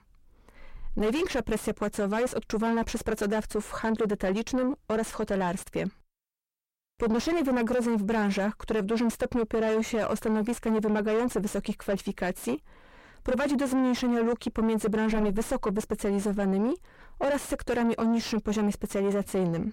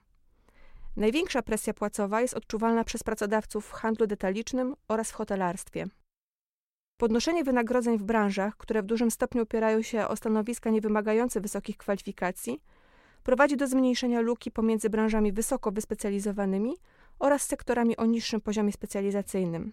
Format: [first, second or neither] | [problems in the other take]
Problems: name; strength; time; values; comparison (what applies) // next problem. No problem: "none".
second | distortion; heavy; 6 dB below the speech